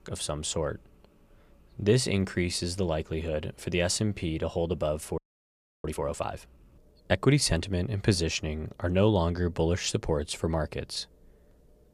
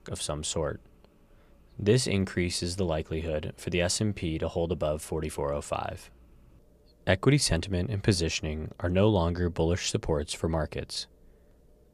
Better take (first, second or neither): second